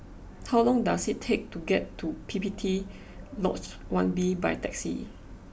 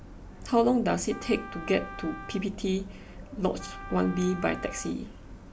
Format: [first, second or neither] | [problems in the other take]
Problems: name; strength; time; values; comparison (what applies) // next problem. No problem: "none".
first | background sound (Wind instrument, woodwind instrument); 16 dB below the speech